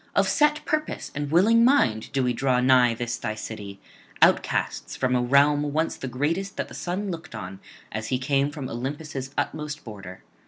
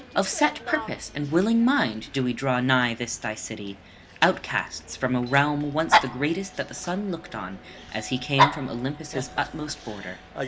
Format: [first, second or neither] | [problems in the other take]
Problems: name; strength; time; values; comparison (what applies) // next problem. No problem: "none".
first | background sound (Dog); 5 dB below the speech